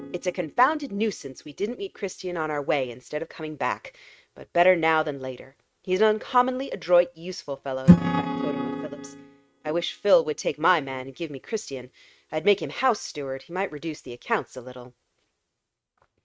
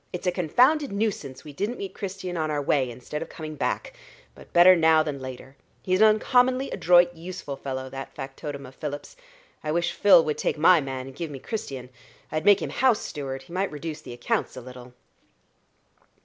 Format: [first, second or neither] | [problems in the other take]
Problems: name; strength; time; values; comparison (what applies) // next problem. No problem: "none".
second | noise reduction (neural mask model RNNoise)